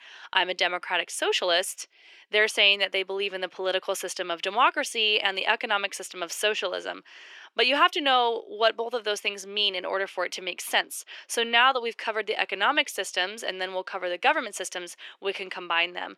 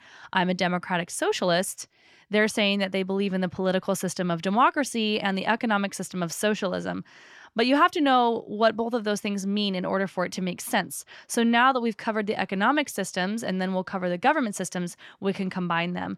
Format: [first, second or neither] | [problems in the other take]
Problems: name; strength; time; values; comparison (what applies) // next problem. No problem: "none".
second | thin; very; fading below 400 Hz